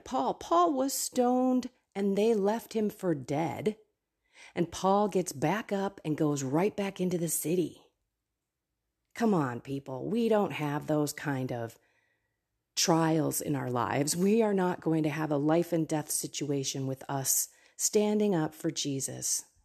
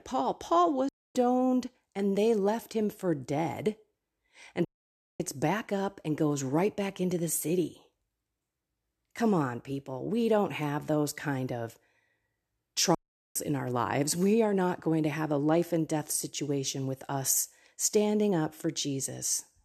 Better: first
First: none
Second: audio cutting out; at 1 s, at 4.5 s for 0.5 s and at 13 s

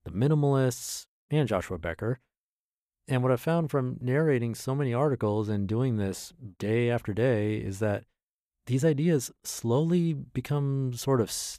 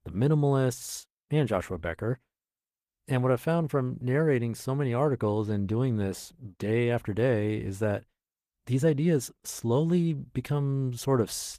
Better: first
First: none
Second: garbled, watery; slightly; nothing above 14.5 kHz

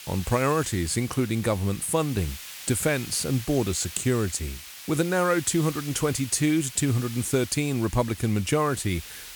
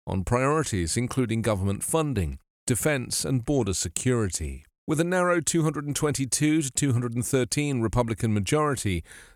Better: second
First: hiss; noticeable; throughout; 15 dB below the speech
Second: none

